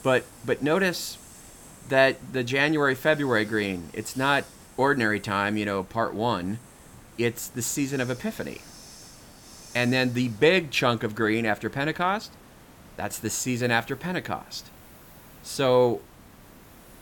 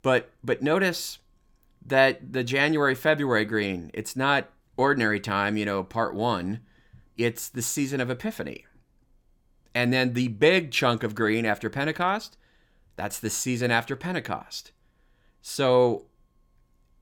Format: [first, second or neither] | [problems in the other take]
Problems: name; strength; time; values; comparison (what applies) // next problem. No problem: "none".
second | hiss; faint; throughout; 20 dB below the speech